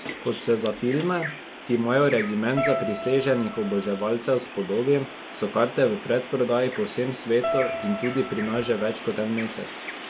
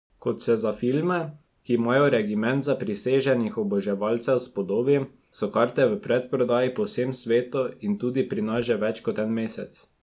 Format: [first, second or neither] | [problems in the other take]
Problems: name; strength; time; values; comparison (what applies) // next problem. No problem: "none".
second | background sound (Bird vocalization, bird call, bird song + Keyboard (musical)); 9 dB below the speech